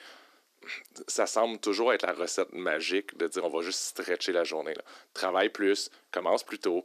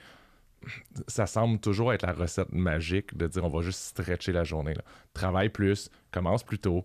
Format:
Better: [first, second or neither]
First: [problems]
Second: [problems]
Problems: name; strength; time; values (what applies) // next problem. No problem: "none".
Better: second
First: thin; very; fading below 300 Hz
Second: none